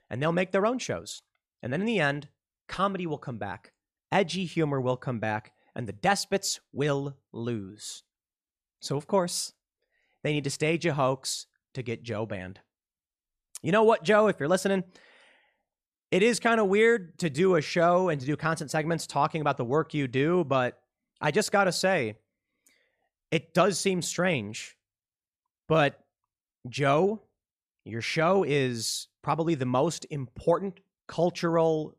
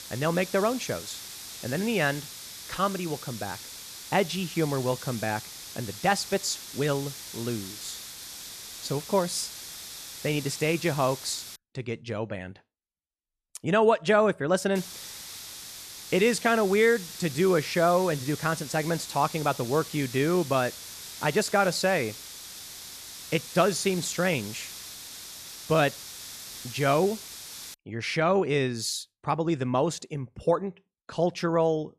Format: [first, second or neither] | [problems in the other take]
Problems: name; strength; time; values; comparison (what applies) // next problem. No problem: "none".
first | hiss; noticeable; until 12 s and from 15 to 28 s; 10 dB below the speech